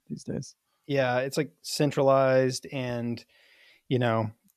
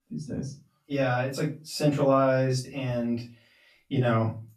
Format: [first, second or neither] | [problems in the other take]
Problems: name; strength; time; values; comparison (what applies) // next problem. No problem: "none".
first | off-mic speech; far // room echo; slight; dies away in 0.3 s